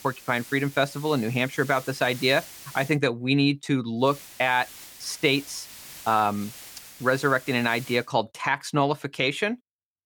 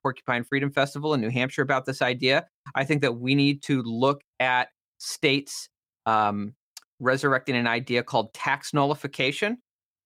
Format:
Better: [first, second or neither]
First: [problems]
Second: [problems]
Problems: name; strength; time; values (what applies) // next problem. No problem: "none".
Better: second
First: hiss; noticeable; until 3 s and from 4 to 8 s; 15 dB below the speech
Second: none